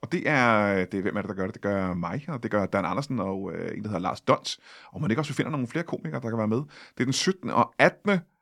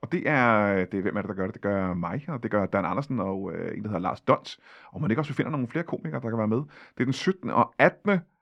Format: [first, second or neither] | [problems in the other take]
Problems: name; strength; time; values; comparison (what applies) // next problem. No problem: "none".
first | muffled; slightly; fading above 4 kHz